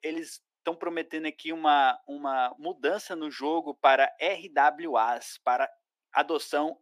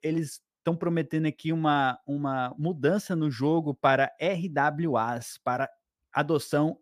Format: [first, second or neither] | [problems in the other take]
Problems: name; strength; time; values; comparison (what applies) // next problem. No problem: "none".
second | thin; very; fading below 300 Hz